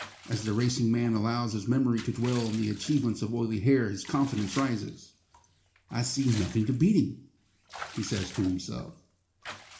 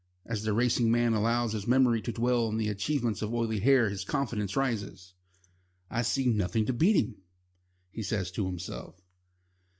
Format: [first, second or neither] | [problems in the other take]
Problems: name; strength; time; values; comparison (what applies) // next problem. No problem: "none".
second | background sound (Bathtub (filling or washing) / Water / Liquid); 18 dB below the speech // room echo; dies away in 0.4 s